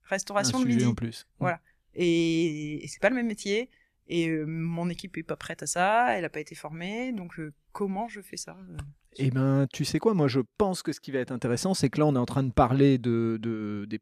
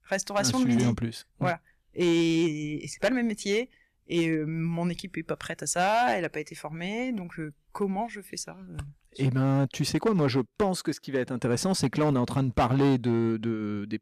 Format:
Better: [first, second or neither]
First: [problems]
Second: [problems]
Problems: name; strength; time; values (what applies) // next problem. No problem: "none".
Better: first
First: none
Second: distortion; slight; 5% of the sound clipped